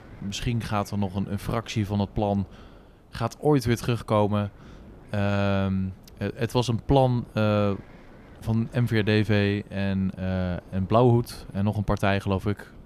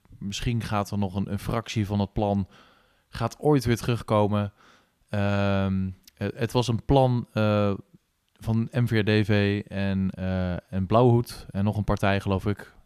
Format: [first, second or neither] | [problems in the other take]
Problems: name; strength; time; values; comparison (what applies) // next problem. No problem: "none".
second | wind noise on the microphone; occasional gusts; 25 dB below the speech